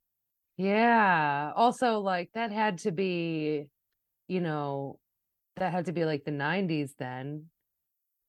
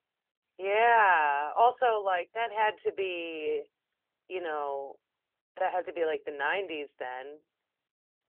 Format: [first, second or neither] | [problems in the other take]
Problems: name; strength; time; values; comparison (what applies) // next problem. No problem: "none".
first | phone-call audio; nothing above 3 kHz